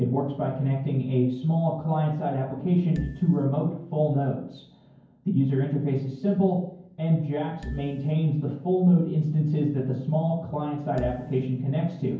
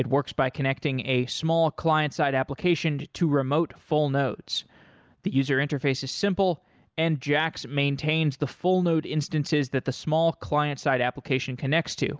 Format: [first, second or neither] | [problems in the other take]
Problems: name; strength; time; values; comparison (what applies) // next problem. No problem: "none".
second | background sound (Marimba, xylophone); 12 dB below the speech // room echo; dies away in 0.9 s